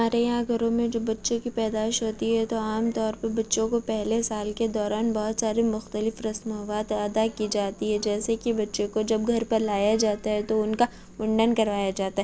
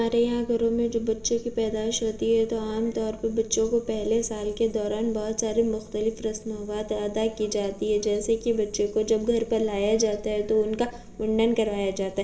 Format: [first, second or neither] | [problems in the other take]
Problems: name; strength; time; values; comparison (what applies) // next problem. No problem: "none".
first | room echo; dies away in 0.9 s